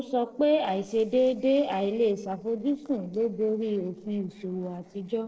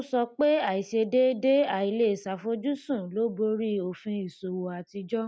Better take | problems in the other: second | noise reduction (neural separator model SepFormer DNS4)

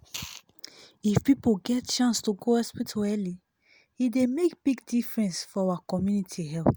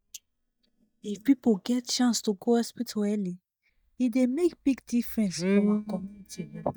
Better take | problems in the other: first | noise reduction (neural mask model DeepFilterNet 3)

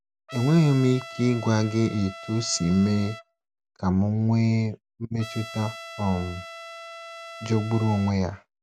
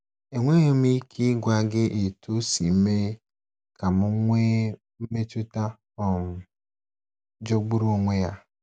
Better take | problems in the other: second | background sound (Trumpet); 16 dB below the speech

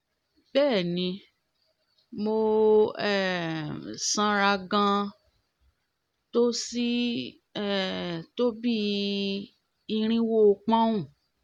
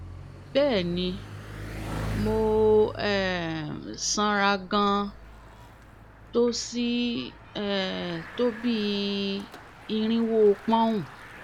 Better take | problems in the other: first | background sound (Bicycle); 13 dB below the speech

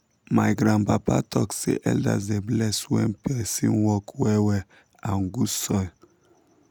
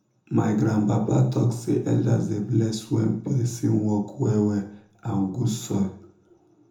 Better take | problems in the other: first | room echo; dies away in 0.5 s

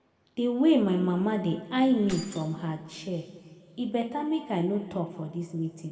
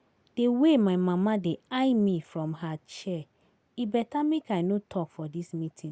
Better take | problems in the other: second | background sound (Keys jangling); 18 dB below the speech // room echo; dies away in 1.8 s

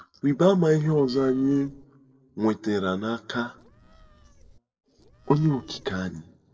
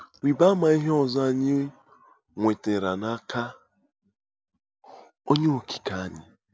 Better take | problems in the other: second | noise reduction (neural separator model SepFormer DNS4)

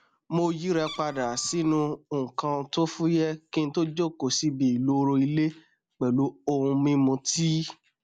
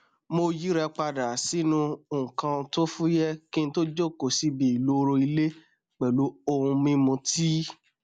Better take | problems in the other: second | background sound (Meow); 19 dB below the speech

